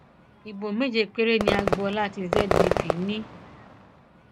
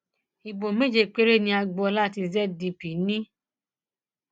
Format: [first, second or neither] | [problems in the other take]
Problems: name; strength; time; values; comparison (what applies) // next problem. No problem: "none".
second | background sound (Fireworks); as loud as the speech